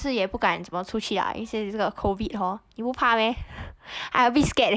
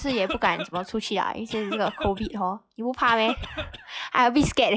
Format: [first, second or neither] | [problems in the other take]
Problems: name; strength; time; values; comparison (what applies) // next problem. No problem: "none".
first | noise reduction (classical method log-MMSE)